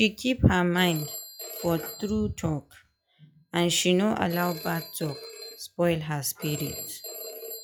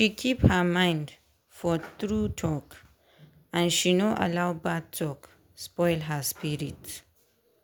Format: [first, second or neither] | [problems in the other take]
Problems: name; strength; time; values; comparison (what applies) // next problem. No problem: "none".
second | noise reduction (classical method log-MMSE)